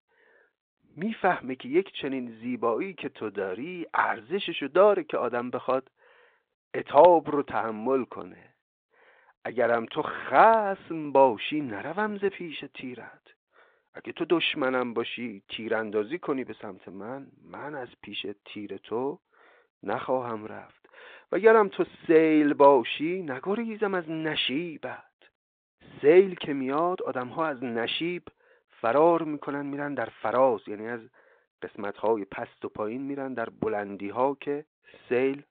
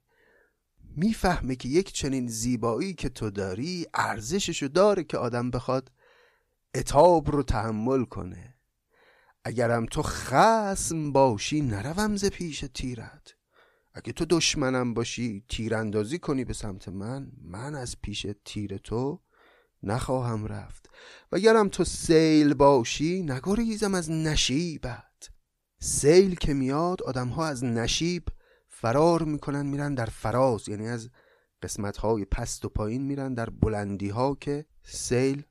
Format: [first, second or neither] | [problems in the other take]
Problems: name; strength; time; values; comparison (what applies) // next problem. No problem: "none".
second | phone-call audio; nothing above 3.5 kHz